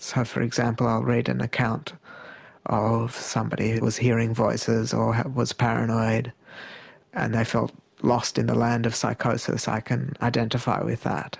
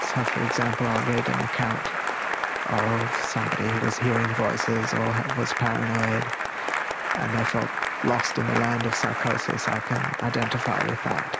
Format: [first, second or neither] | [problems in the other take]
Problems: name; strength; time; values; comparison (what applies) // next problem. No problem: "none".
first | background sound (Applause / Cheering); as loud as the speech